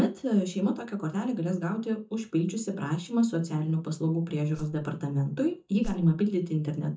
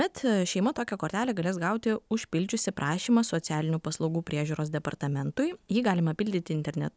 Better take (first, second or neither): second